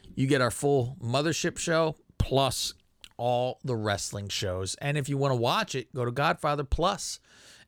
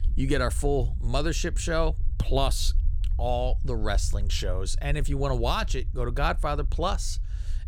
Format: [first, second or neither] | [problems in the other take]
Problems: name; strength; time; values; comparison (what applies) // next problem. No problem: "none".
first | low rumble; faint; throughout; 25 dB below the speech